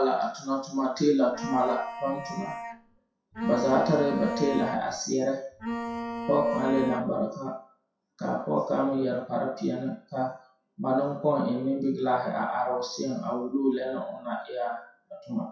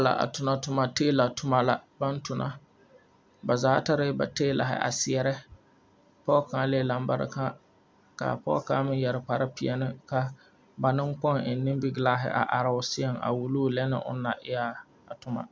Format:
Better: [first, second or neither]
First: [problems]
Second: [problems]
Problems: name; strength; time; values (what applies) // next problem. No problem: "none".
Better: second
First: noise reduction (classical method WPE with log-MMSE)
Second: none